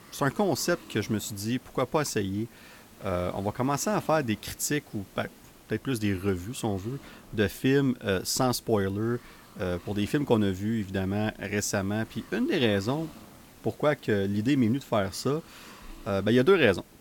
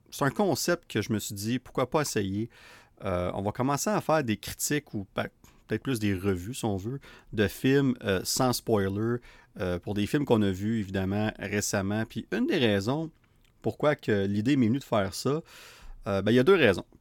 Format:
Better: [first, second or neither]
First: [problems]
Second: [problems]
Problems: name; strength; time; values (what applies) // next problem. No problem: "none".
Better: second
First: hiss; faint; throughout; 25 dB below the speech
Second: none